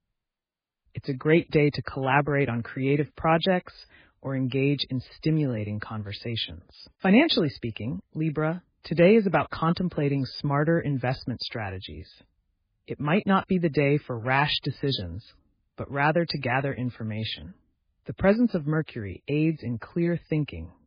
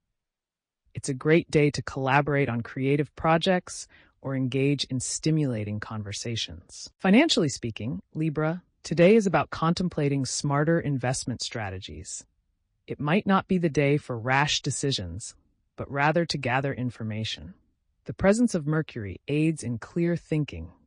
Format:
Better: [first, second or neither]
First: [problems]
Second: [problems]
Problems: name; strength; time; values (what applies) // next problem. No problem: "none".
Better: second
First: garbled, watery; badly; nothing above 5 kHz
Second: garbled, watery; slightly; nothing above 8.5 kHz